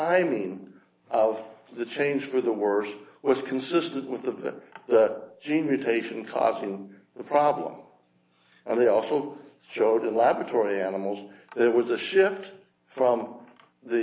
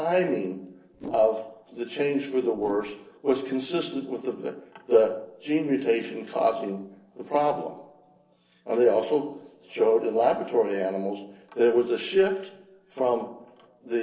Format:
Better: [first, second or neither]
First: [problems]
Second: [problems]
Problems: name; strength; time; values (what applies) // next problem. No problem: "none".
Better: first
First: none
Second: noise reduction (neural separator model SepFormer DNS4)